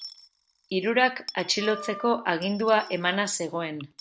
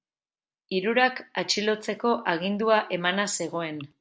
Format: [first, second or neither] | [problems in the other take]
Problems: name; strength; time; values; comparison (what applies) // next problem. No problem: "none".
second | background sound (Wind instrument, woodwind instrument + Coin (dropping) / Dishes, pots, and pans); 17 dB below the speech